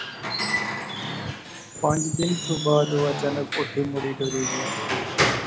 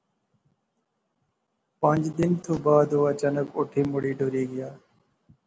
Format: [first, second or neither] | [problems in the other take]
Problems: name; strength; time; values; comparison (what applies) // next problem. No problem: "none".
second | background sound (Squeak / Wood); 1 dB below the speech